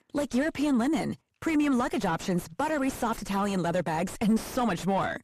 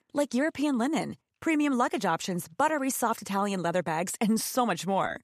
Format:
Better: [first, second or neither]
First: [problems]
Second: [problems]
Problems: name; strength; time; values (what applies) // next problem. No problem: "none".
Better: second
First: distortion; heavy; 6 dB below the speech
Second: none